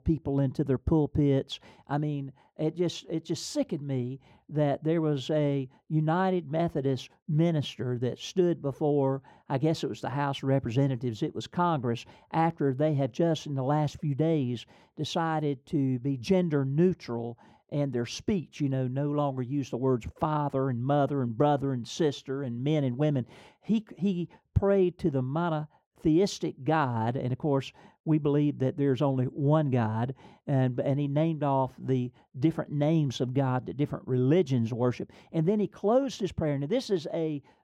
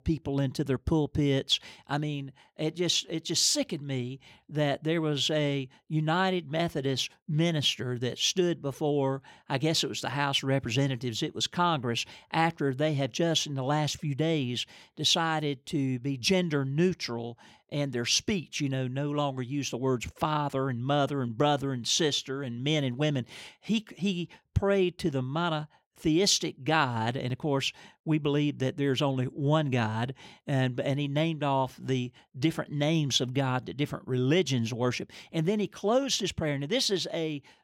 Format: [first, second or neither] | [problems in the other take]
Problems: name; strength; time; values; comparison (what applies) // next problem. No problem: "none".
second | muffled; slightly; fading above 1.5 kHz